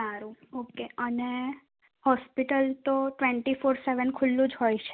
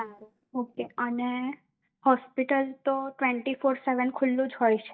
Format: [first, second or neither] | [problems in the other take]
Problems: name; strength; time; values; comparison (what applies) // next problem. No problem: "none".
first | noise reduction (neural mask model DeepFilterNet 3)